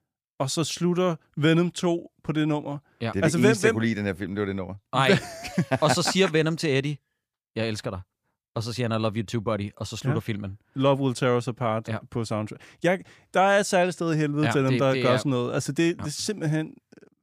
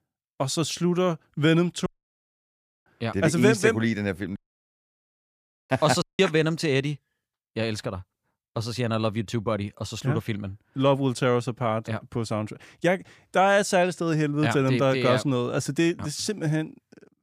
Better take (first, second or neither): first